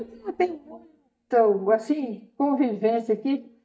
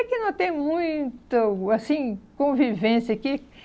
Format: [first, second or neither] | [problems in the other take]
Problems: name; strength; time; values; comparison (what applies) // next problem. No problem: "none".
second | noise reduction (neural mask model DeepFilterNet 3)